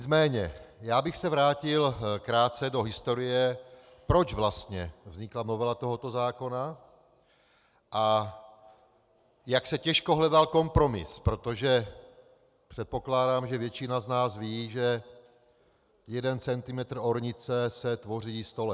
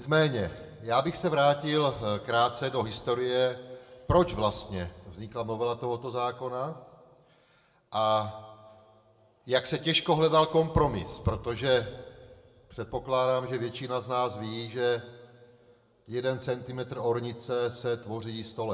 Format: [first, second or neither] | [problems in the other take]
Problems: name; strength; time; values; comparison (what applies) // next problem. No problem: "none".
first | room echo; dies away in 1.2 s